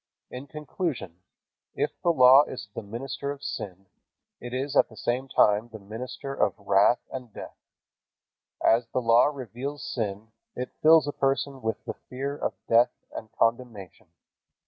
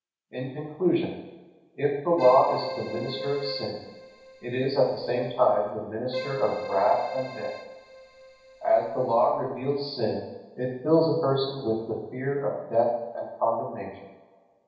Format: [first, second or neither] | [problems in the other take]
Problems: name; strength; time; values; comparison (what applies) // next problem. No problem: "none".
first | background sound (Keyboard (musical)); 12 dB below the speech // room echo; dies away in 0.9 s